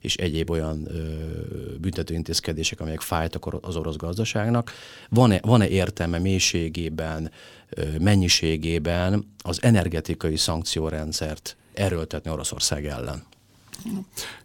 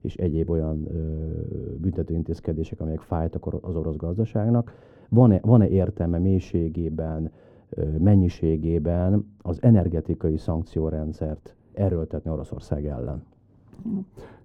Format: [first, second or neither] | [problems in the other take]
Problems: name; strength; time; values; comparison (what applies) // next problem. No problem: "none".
first | muffled; very; fading above 1.5 kHz